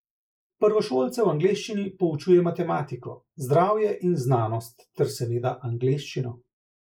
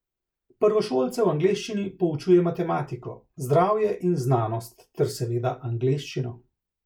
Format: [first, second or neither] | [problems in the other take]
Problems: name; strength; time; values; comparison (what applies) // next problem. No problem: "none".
second | noise reduction (neural mask model Resemble Enhance denoiser)